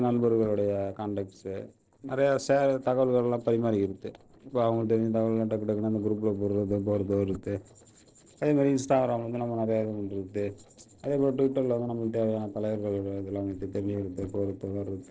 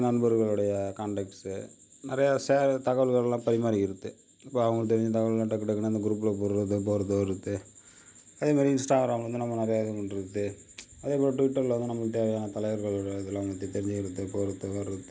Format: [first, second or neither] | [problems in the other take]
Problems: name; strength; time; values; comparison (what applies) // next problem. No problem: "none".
second | noise reduction (neural separator model SepFormer DNS4)